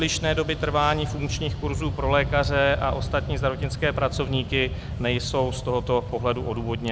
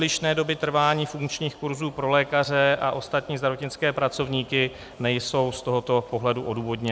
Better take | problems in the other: second | background sound (Fixed-wing aircraft, airplane); 5 dB below the speech

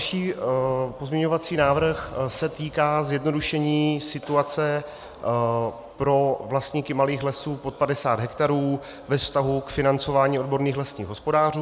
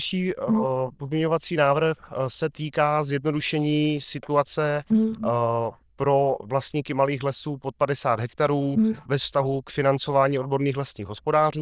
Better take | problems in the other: first | noise reduction (neural diffusion model UNIVERSE++)

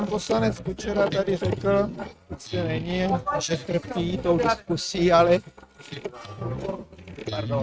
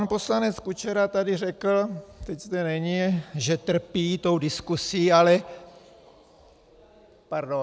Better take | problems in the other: second | noise reduction (neural mask model RNNoise)

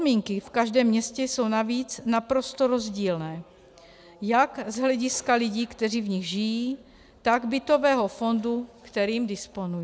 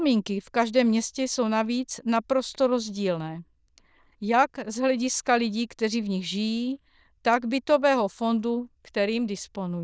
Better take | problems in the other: first | noise reduction (neural diffusion model UNIVERSE++)

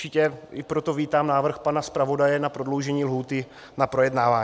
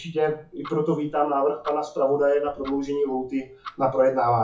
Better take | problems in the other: first | noise reduction (classical method WPE with log-MMSE)

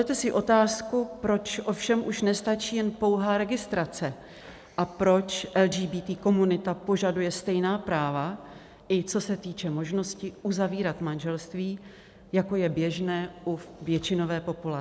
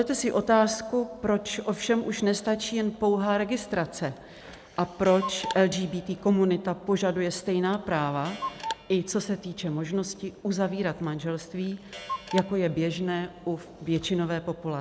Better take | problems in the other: first | background sound (Clock); 14 dB below the speech

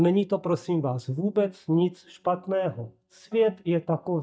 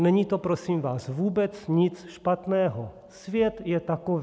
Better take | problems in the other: second | noise reduction (neural mask model DeepFilterNet 3)

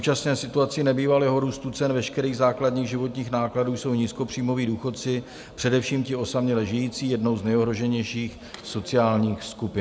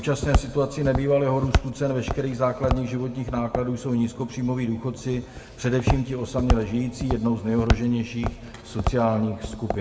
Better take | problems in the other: first | background sound (Walk, footsteps); 4 dB below the speech // room echo; dies away in 1.4 s

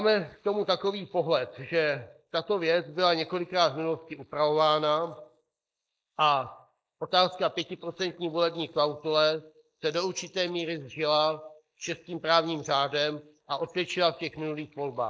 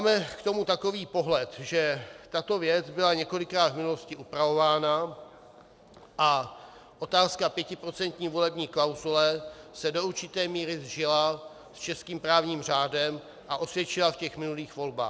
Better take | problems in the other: second | noise reduction (neural mask model Resemble Enhance denoiser)

